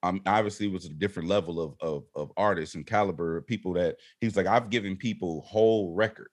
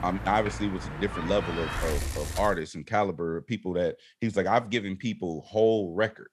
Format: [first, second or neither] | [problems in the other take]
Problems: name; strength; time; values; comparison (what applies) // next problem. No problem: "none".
first | traffic noise; loud; until 2.5 s; 6 dB below the speech